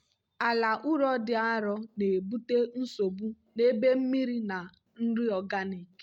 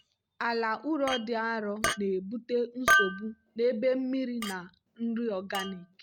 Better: first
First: none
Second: background sound (Chink, clink); 3 dB below the speech

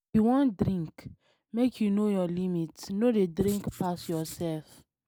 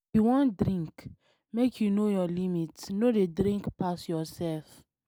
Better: second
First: background sound (Writing); 20 dB below the speech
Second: none

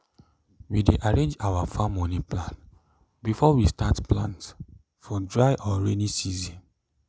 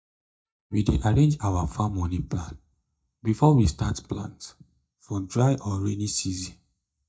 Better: first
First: none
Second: noise reduction (neural mask model DeepFilterNet 3)

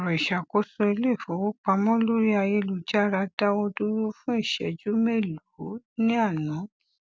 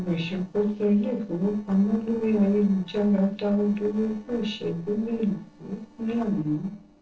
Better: first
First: none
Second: noise reduction (neural separator model SepFormer DNS4)

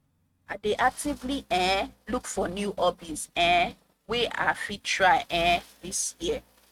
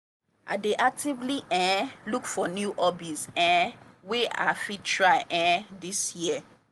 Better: second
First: noise reduction (neural mask model RNNoise)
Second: none

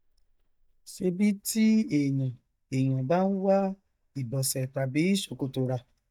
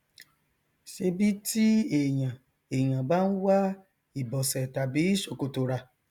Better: second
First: noise reduction (neural mask model DeepFilterNet 3)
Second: none

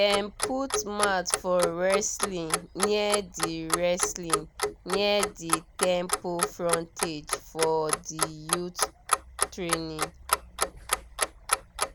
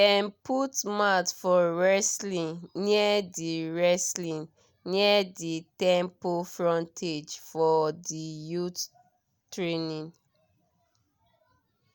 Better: second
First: background sound (Clock); 1 dB below the speech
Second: none

